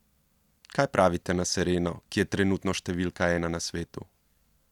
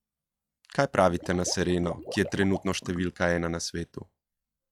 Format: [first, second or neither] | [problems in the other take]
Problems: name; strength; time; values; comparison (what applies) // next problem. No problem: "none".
first | noise reduction (classical method log-MMSE)